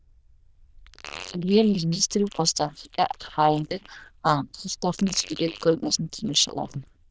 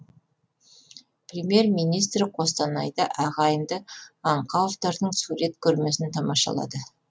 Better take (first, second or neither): second